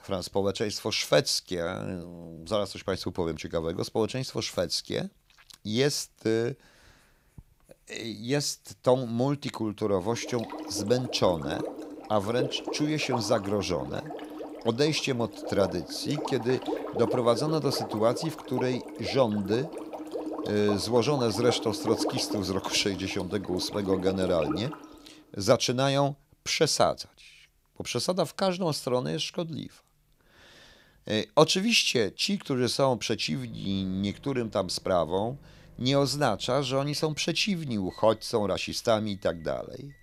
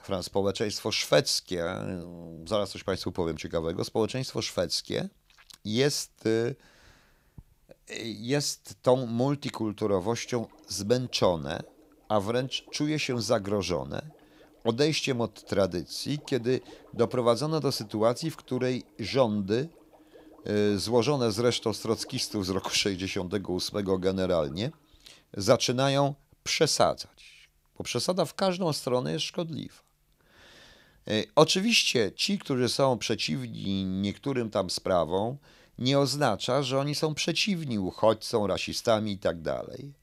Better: second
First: household noises; loud; throughout; 9 dB below the speech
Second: household noises; faint; throughout; 25 dB below the speech

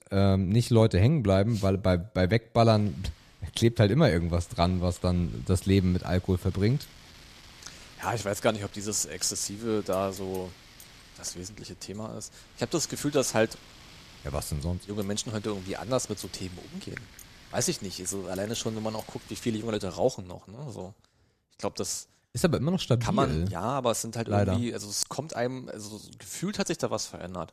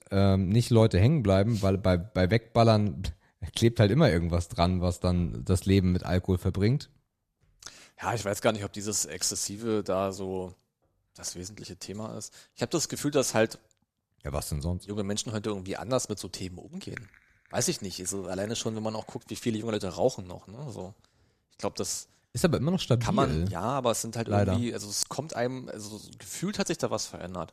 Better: second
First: wind noise on the microphone; occasional gusts; from 2.5 to 20 s; 20 dB below the speech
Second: none

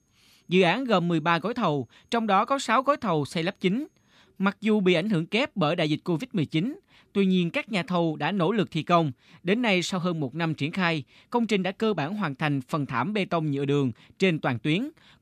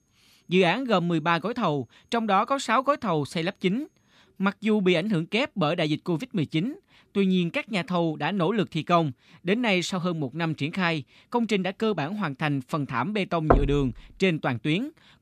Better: first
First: none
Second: door banging; loud; at 14 s; peak 2 dB above the speech

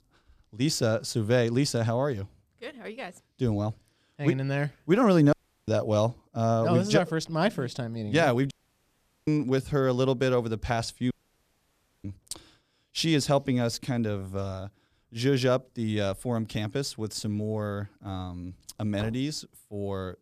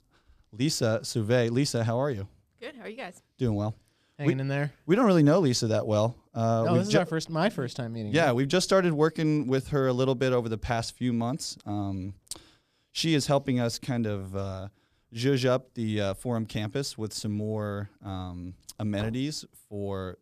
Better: second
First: audio cutting out; at 5.5 s, at 8.5 s for 1 s and at 11 s for 1 s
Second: none

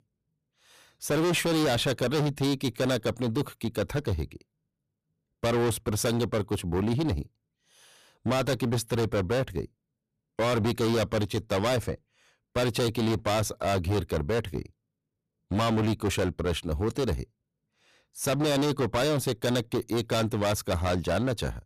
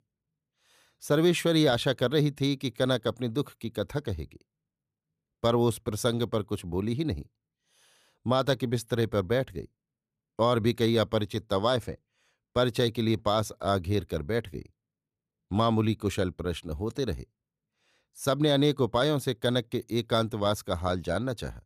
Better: second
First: distortion; heavy; 20% of the sound clipped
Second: none

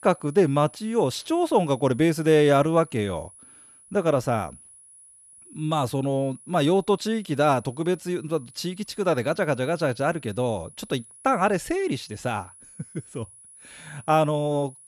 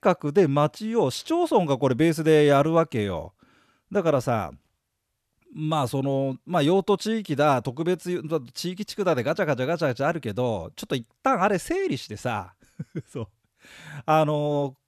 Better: second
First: high-pitched whine; faint; throughout; 10.5 kHz, 25 dB below the speech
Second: none

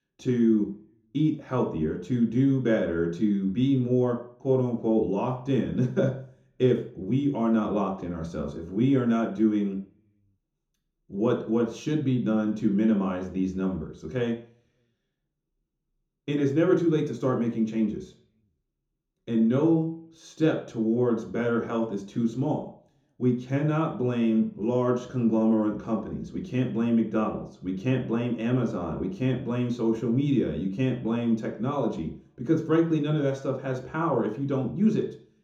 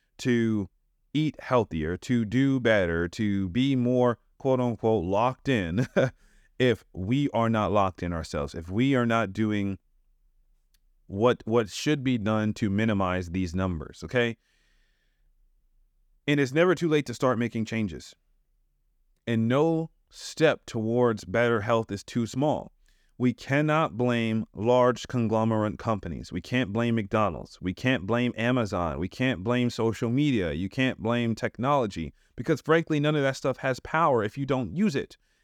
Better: second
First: room echo; slight; dies away in 0.5 s // off-mic speech; far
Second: none

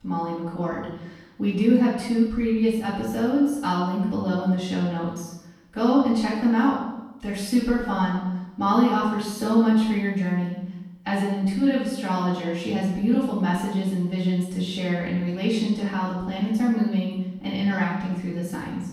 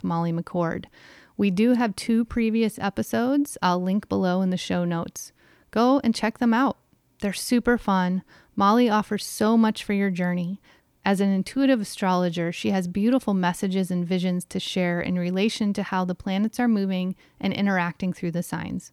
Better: second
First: off-mic speech; far // room echo; noticeable; dies away in 0.9 s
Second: none

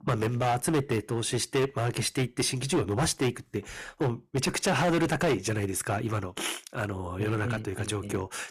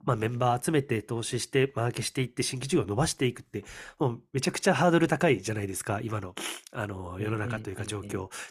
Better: second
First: distortion; heavy; 9% of the sound clipped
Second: none

